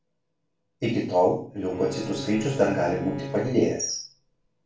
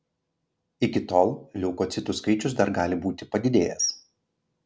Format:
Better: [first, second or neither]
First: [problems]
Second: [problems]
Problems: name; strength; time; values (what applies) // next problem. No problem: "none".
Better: second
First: background sound (Bowed string instrument); 11 dB below the speech // room echo; dies away in 0.4 s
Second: none